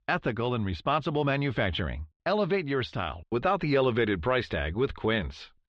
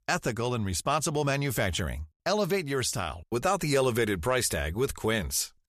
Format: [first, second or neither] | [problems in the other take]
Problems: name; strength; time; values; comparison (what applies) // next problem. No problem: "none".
second | muffled; very; fading above 3.5 kHz